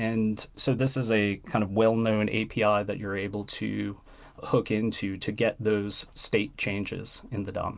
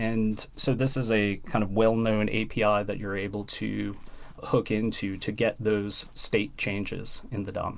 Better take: first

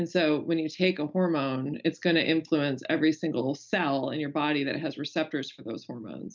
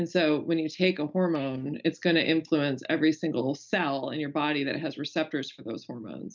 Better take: first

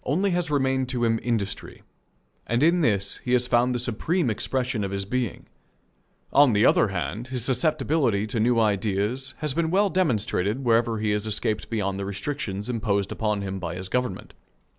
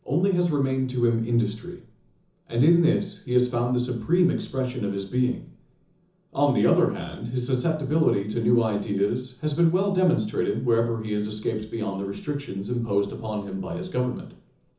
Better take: first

